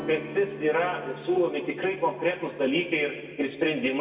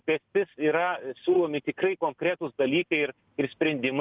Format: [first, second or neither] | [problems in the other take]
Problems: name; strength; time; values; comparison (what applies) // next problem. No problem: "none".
second | background sound (Strum); 17 dB below the speech // room echo; dies away in 1.6 s